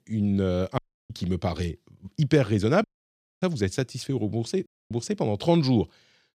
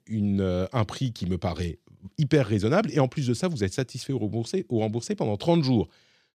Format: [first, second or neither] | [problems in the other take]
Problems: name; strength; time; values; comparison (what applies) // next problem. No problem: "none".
second | audio cutting out; at 1 s, at 3 s for 0.5 s and at 4.5 s